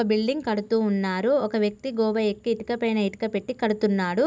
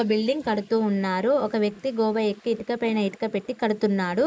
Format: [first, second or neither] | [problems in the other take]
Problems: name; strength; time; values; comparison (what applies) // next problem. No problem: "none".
first | noise reduction (neural mask model Resemble Enhance denoiser)